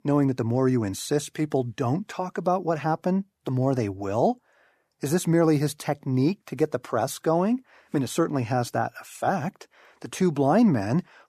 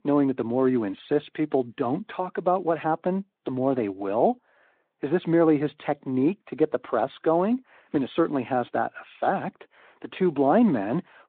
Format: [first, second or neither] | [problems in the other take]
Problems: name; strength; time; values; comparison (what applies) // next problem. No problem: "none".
first | phone-call audio; nothing above 4 kHz